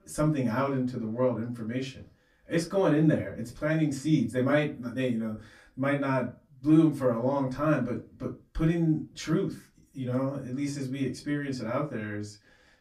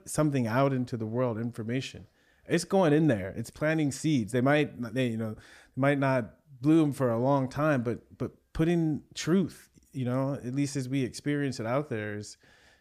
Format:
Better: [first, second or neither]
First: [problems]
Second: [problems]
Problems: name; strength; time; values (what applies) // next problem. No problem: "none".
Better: second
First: off-mic speech; far // room echo; very slight; dies away in 0.2 s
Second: none